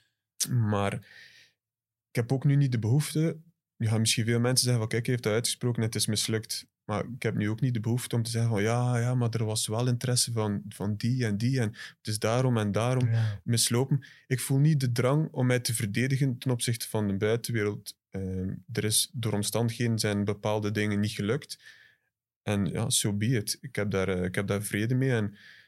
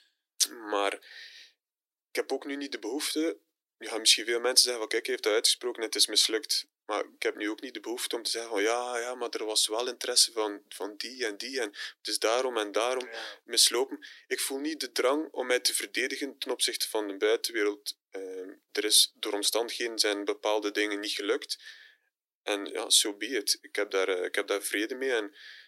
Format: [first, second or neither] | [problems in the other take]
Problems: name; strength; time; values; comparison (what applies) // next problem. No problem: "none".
first | thin; very; fading below 300 Hz